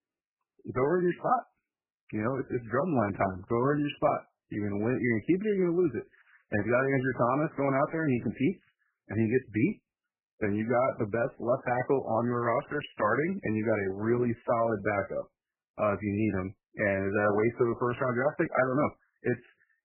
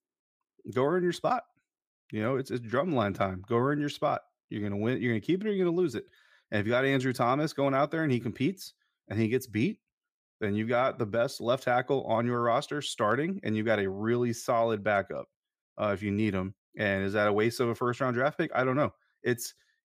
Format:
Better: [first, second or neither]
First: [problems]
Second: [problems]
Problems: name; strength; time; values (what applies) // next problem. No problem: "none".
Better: second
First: garbled, watery; badly; nothing above 3 kHz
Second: none